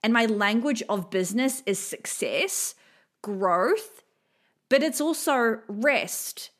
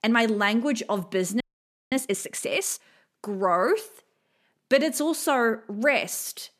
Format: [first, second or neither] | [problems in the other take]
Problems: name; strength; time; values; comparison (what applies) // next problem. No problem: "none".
first | audio freezing; at 1.5 s for 0.5 s